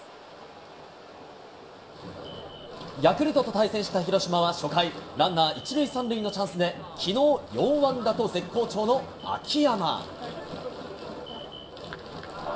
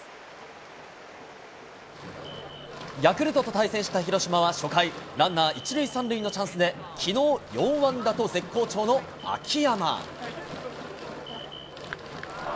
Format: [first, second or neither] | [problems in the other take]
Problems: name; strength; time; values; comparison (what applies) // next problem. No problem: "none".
second | room echo; dies away in 0.5 s